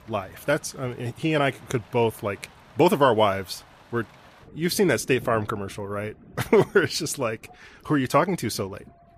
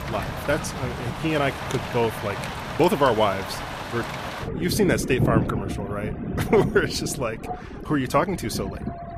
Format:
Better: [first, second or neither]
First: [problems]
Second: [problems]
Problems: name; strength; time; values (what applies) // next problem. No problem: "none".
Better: first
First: rain or running water; faint; throughout; 25 dB below the speech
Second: rain or running water; loud; throughout; 5 dB below the speech